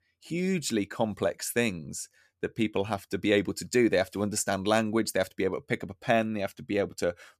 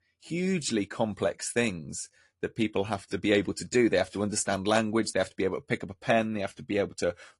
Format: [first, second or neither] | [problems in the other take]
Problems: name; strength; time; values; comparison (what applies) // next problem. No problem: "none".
first | garbled, watery; slightly; nothing above 11 kHz